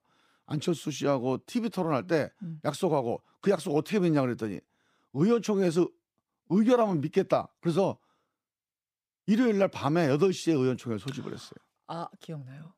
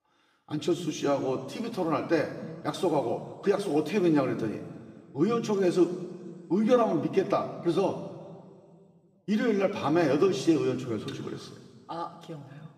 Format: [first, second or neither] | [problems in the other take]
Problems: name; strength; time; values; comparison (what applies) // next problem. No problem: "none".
first | room echo; slight; dies away in 1.8 s // off-mic speech; somewhat distant